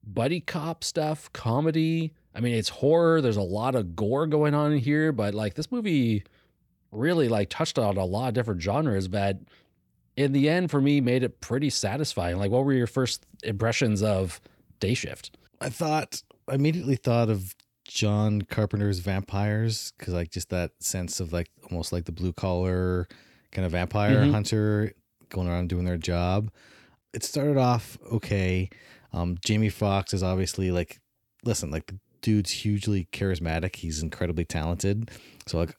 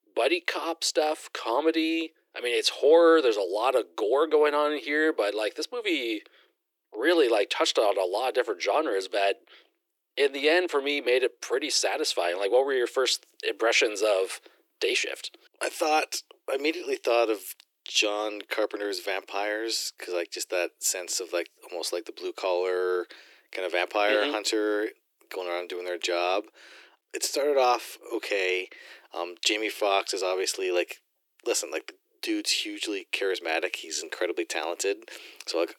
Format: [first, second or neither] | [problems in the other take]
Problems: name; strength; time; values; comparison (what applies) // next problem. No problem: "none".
first | thin; very; fading below 350 Hz